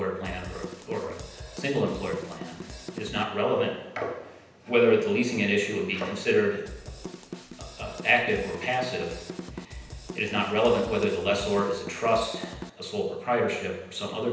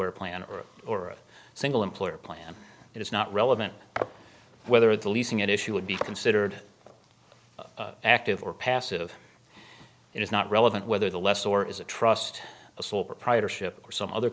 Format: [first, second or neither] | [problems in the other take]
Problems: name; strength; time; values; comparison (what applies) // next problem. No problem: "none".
second | background sound (Drum / Drum kit); 13 dB below the speech // room echo; dies away in 0.9 s